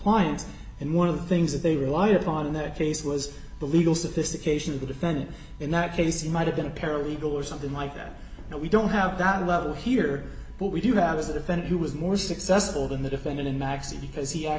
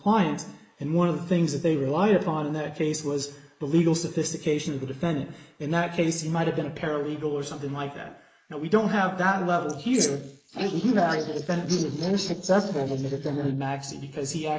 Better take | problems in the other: first | noise reduction (neural mask model Resemble Enhance denoiser)

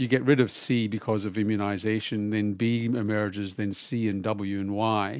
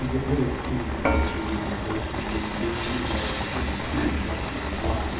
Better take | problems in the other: first | background sound (Frying (food) / Dishes, pots, and pans); 3 dB above the speech // room echo; dies away in 0.7 s

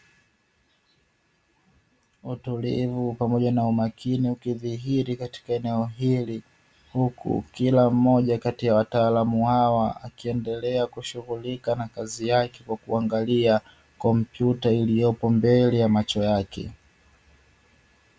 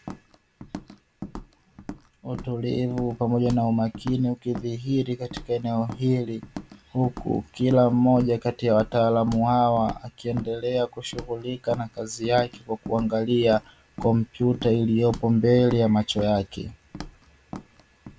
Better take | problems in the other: first | background sound (Walk, footsteps); 16 dB below the speech

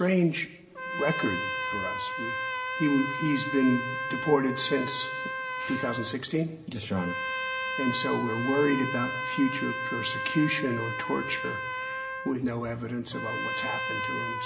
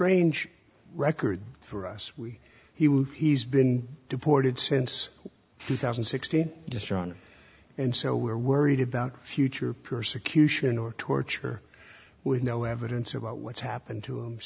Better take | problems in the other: second | background sound (Trumpet); 4 dB below the speech // room echo; dies away in 2.6 s

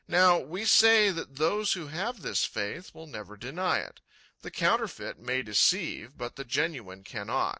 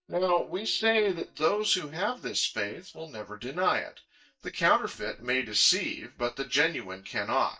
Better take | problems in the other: first | noise reduction (neural mask model DeepFilterNet 3)

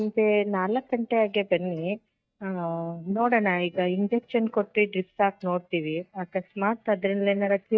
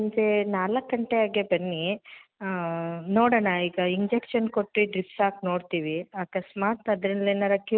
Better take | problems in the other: second | noise reduction (neural mask model DeepFilterNet 3)

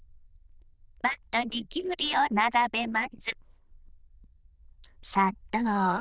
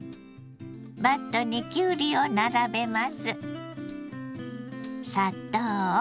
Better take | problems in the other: second | noise reduction (neural diffusion model UNIVERSE++)

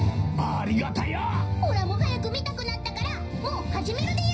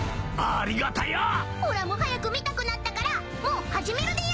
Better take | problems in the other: second | room echo; dies away in 0.4 s

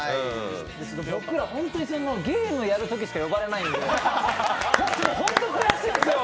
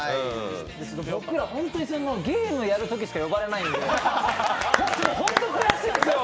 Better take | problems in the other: second | background sound (Siren); 19 dB below the speech

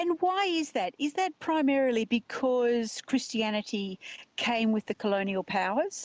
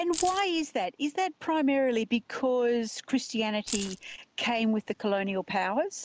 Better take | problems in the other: first | background sound (Keys jangling); 9 dB below the speech

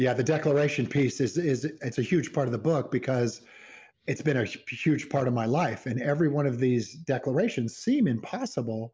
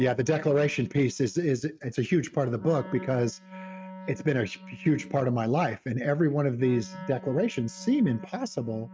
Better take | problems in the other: first | noise reduction (neural mask model RNNoise)

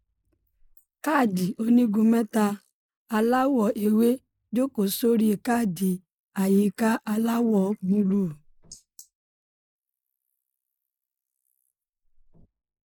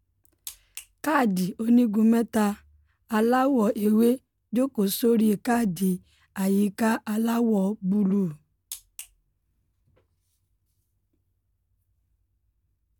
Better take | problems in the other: second | noise reduction (neural mask model Resemble Enhance denoiser)

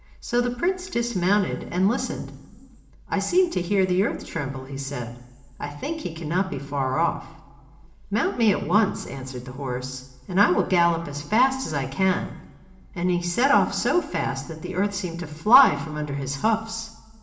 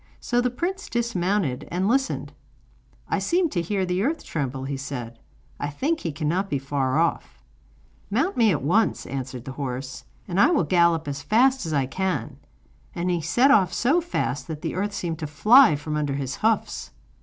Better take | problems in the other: second | room echo; dies away in 1.4 s

